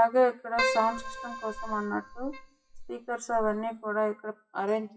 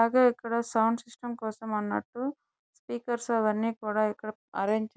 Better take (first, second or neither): second